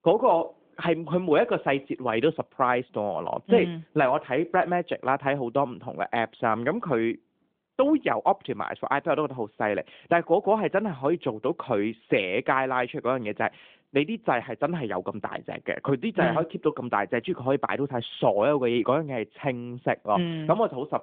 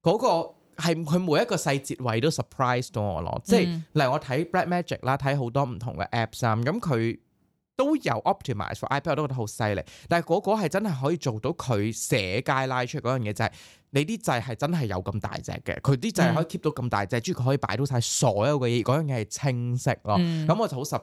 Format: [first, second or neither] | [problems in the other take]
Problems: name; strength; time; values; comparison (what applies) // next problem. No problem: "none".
second | phone-call audio